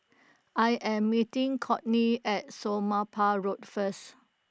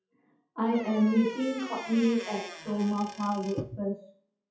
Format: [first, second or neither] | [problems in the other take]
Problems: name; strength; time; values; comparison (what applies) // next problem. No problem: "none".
first | noise reduction (classical method WPE with log-MMSE)